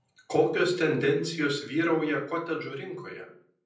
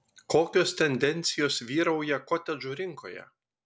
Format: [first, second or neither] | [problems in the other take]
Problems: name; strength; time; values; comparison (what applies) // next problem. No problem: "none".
second | room echo; dies away in 0.6 s